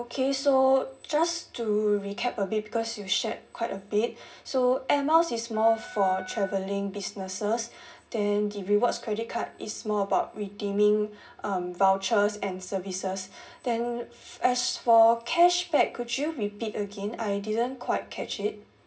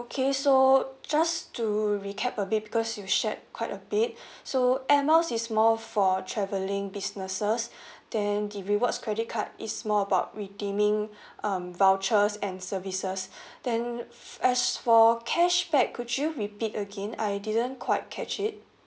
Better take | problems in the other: second | background sound (Wind instrument, woodwind instrument); 18 dB below the speech // room echo; dies away in 0.4 s

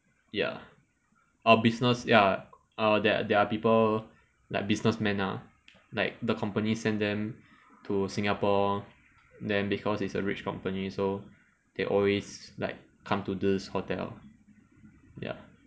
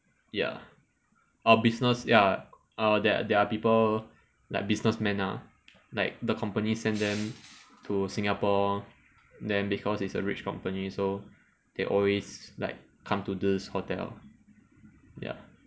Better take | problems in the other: first | background sound (Crushing); 20 dB below the speech

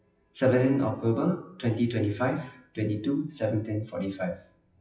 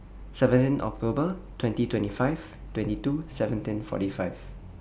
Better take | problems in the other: second | noise reduction (classical method WPE with log-MMSE)

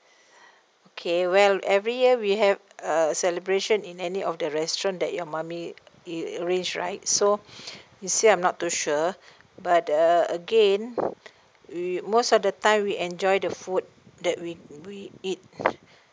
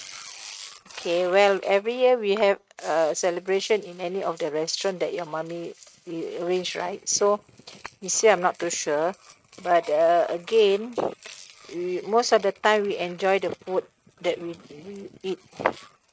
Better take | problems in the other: first | noise reduction (neural mask model RNNoise)

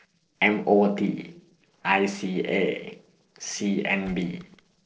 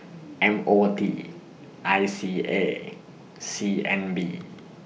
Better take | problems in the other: second | noise reduction (neural separator model SepFormer DNS4)

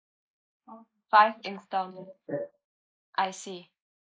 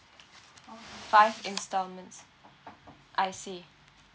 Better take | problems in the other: second | noise reduction (neural mask model Resemble Enhance denoiser)

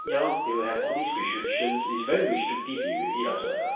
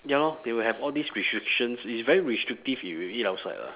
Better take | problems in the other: second | background sound (Alarm); as loud as the speech // room echo; dies away in 0.7 s

